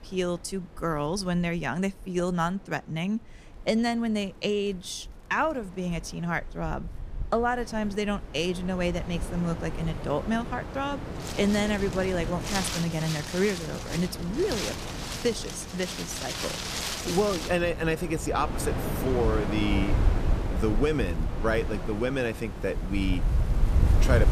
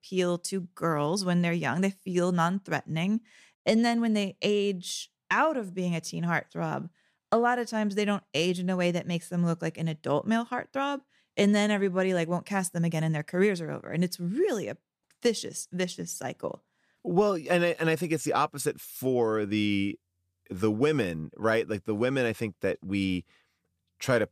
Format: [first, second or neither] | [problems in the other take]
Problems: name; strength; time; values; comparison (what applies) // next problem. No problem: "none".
second | wind in the background; loud; throughout; 3 dB below the speech